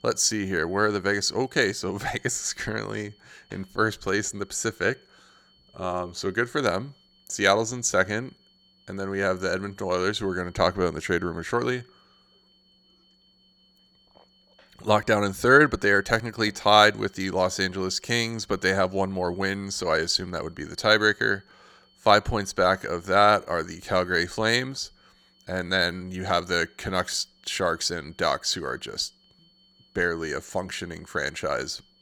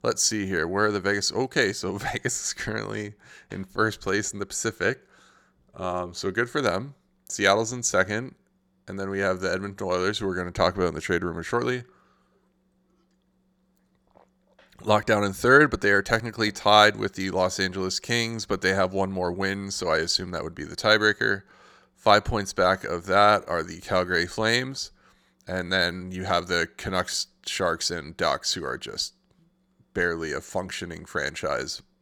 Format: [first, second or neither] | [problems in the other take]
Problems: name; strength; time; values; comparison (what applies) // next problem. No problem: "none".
second | high-pitched whine; faint; throughout; 4.5 kHz, 35 dB below the speech